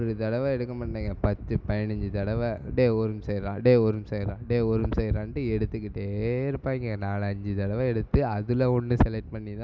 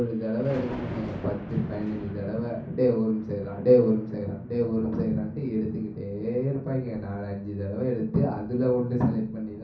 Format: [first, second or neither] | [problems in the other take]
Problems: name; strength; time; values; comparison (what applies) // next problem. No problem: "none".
first | background sound (Thunder); 17 dB below the speech // room echo; dies away in 0.6 s